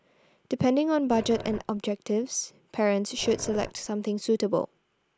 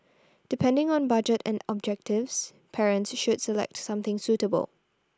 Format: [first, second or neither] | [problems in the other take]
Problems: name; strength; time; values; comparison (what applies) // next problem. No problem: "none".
second | background sound (Growling); 15 dB below the speech